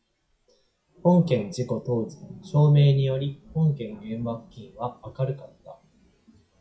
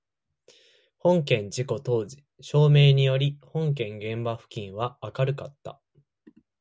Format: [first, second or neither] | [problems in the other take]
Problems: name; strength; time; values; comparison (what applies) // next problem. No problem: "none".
second | noise reduction (classical method WPE with log-MMSE)